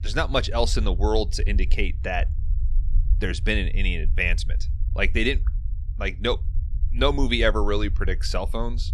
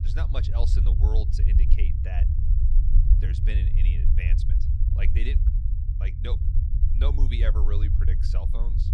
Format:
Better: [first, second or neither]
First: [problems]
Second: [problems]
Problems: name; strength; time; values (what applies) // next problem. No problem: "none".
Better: first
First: low rumble; faint; throughout; 20 dB below the speech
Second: low rumble; loud; throughout; 3 dB below the speech